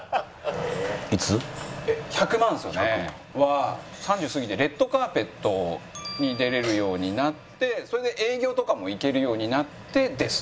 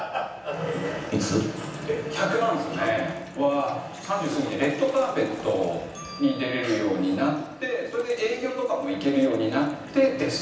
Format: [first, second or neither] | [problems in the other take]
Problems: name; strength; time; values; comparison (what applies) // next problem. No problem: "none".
first | background sound (Toilet flush / Water); 17 dB below the speech // room echo; dies away in 0.9 s